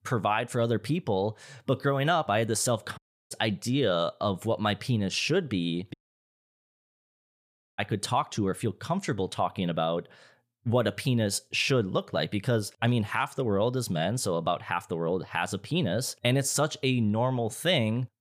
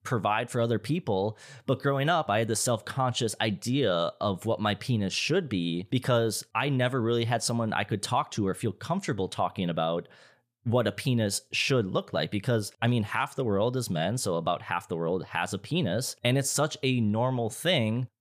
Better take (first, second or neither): second